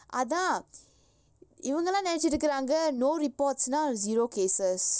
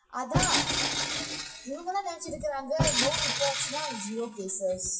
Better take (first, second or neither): first